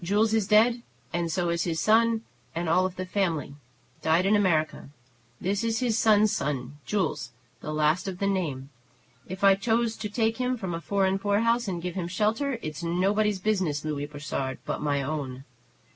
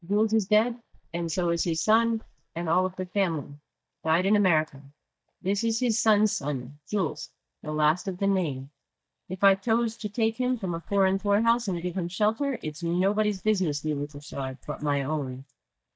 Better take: first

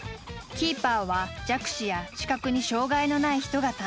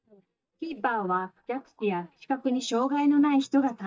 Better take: first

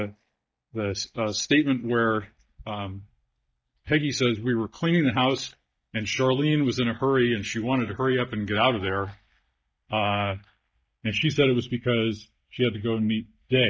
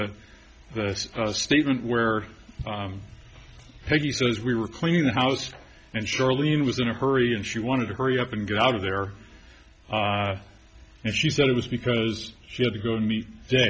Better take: second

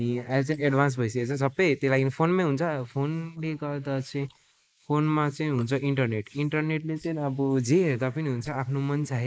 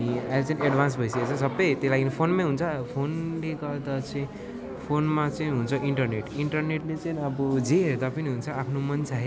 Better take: second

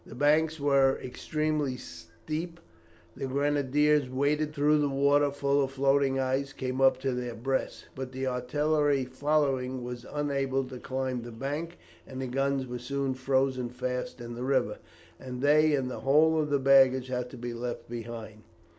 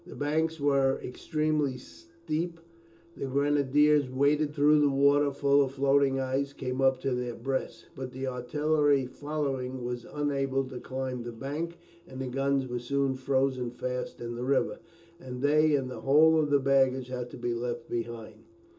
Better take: first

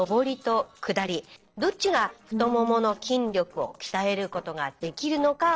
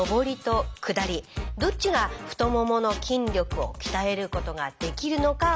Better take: second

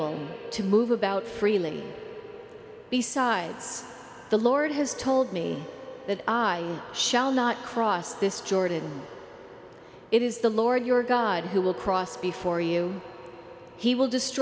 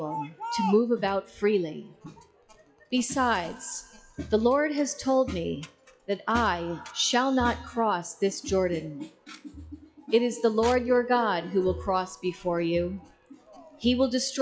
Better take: first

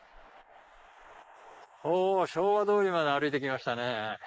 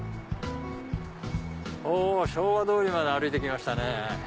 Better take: second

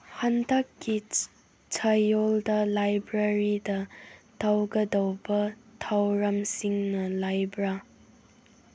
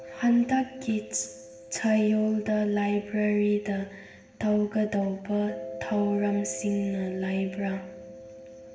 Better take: first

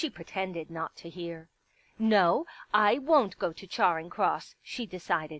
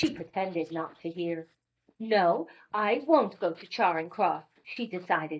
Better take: first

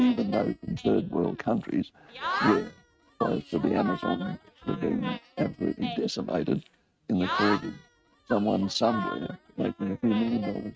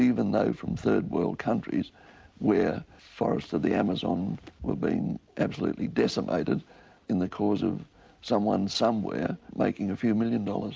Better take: second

